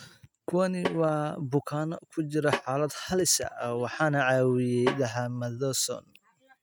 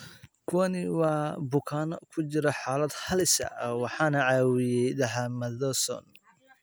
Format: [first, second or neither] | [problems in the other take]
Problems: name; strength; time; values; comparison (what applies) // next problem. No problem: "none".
second | noise reduction (neural mask model RNNoise)